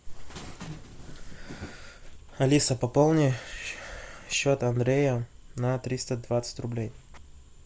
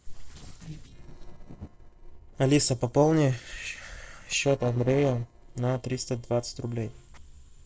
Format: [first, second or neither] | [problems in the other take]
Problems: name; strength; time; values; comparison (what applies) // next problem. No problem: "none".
first | noise reduction (neural separator model SepFormer DNS4)